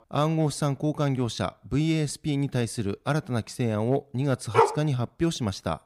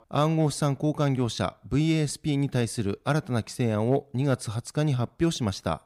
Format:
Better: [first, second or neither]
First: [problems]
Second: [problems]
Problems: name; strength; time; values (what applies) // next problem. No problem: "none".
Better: second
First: dog barking; loud; at 4.5 s; peak 4 dB above the speech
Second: none